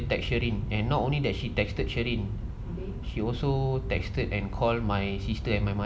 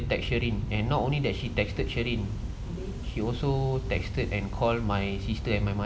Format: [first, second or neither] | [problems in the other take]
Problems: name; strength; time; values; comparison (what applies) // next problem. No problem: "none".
first | background sound (Train); 19 dB below the speech